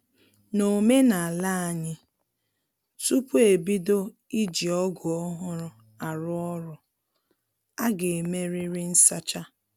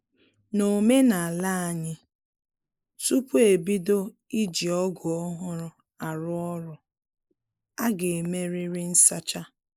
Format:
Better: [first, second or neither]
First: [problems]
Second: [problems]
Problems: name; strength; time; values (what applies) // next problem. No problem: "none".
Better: first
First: none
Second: noise reduction (neural mask model Resemble Enhance denoiser)